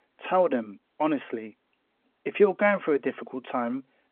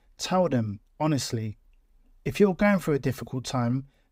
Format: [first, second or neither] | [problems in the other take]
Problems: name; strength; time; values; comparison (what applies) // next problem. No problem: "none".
second | phone-call audio